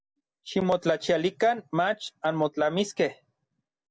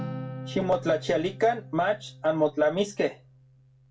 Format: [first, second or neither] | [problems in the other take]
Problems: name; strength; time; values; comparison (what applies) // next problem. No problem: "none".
first | background sound (Acoustic guitar); 13 dB below the speech // room echo; dies away in 0.2 s